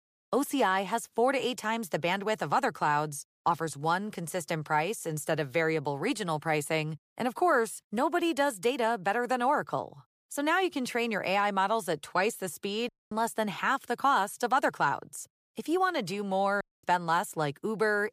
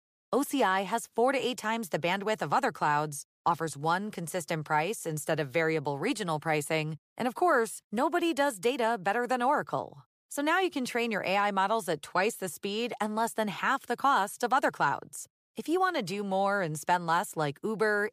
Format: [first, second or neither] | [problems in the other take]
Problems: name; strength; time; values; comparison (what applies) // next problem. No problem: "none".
second | audio cutting out; at 13 s and at 17 s